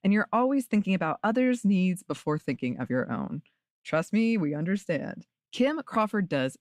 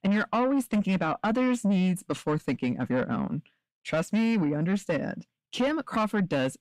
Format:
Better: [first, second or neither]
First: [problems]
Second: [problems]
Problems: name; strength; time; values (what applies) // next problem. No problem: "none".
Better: first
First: none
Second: distortion; slight; 10 dB below the speech